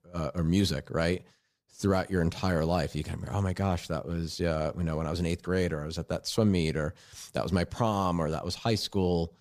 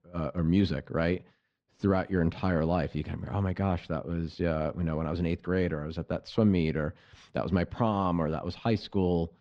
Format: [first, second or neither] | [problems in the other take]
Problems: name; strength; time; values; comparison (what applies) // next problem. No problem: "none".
first | muffled; slightly; fading above 3 kHz